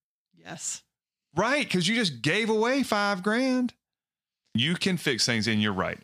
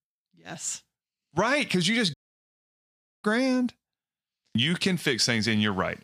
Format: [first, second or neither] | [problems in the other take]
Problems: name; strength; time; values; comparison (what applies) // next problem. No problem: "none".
first | audio cutting out; at 2 s for 1 s